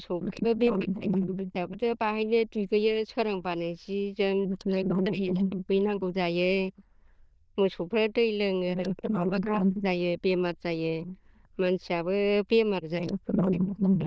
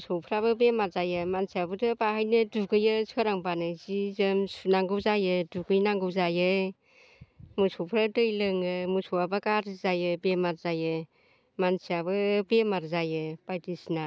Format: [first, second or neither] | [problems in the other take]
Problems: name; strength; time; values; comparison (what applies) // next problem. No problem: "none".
second | noise reduction (neural diffusion model UNIVERSE++)